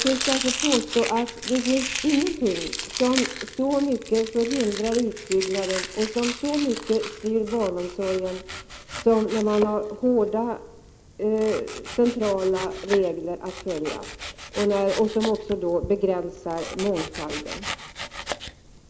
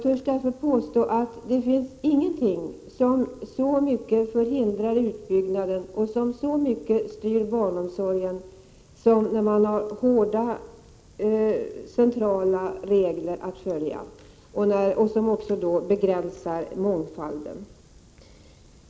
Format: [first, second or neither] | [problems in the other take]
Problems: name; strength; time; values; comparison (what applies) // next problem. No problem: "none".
second | background sound (Domestic sounds, home sounds); 9 dB below the speech